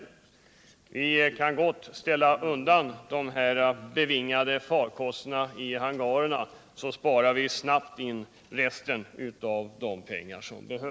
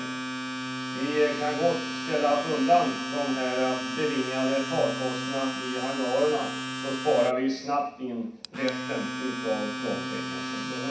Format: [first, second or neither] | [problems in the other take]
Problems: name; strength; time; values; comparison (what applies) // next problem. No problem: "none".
first | background sound (Domestic sounds, home sounds); 5 dB below the speech // room echo; dies away in 0.6 s